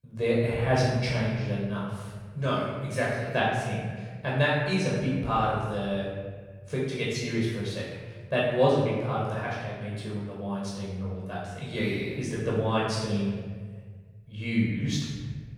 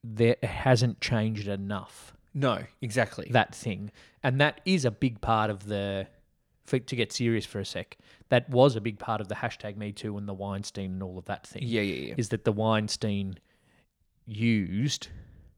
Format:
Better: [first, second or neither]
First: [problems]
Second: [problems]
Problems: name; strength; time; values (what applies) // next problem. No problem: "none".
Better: second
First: off-mic speech; far // room echo; strong; dies away in 1.5 s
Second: none